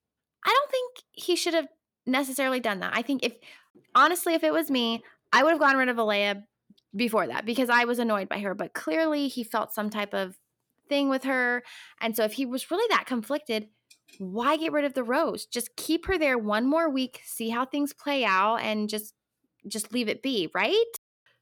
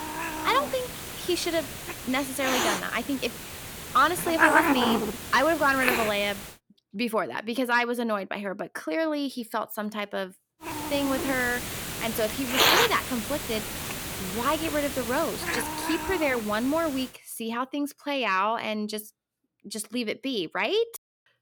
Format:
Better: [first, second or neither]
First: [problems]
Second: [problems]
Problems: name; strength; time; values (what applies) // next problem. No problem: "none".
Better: first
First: none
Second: hiss; loud; until 6.5 s and from 11 to 17 s; 1 dB below the speech